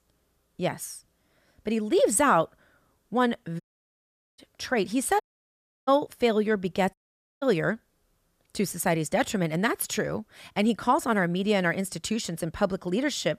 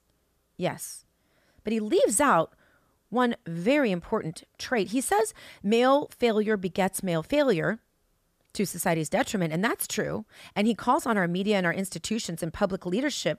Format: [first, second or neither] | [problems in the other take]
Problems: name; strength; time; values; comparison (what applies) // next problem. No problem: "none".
second | audio cutting out; at 3.5 s for 1 s, at 5 s for 0.5 s and at 7 s